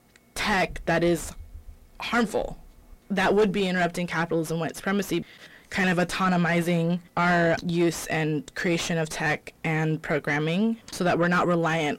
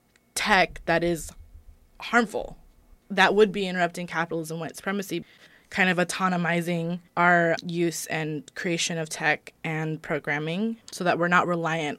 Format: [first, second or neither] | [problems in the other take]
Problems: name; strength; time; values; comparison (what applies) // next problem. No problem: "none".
second | distortion; heavy; 6 dB below the speech